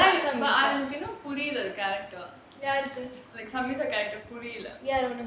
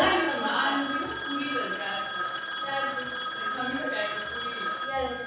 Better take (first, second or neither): first